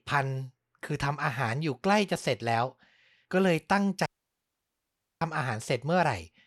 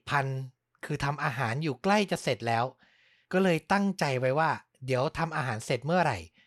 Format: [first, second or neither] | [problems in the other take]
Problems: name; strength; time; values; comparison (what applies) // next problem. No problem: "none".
second | audio cutting out; at 4 s for 1 s